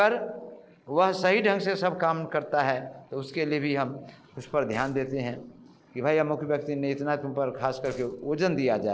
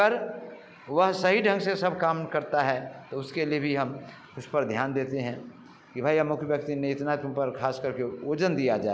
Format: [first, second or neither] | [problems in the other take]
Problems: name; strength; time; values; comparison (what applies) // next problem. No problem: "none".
second | noise reduction (neural separator model SepFormer DNS4)